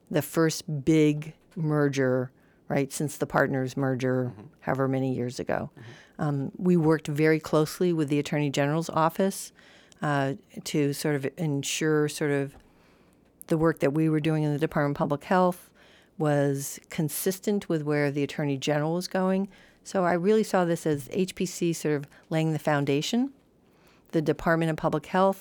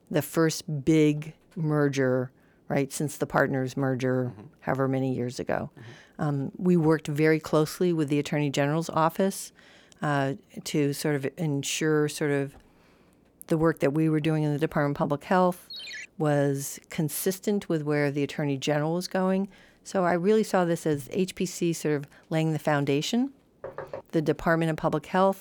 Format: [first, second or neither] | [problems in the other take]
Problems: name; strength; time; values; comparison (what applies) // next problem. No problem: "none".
first | phone ringing; faint; at 16 s; peak 10 dB below the speech // door banging; faint; at 24 s; peak 10 dB below the speech